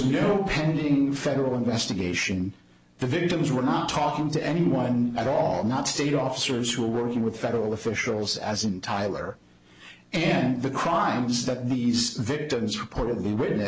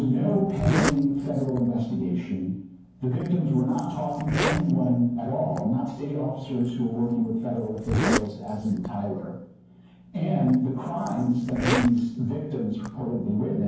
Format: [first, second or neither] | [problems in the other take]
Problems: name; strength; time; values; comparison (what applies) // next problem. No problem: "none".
first | background sound (Zipper (clothing)); 8 dB below the speech // room echo; dies away in 0.9 s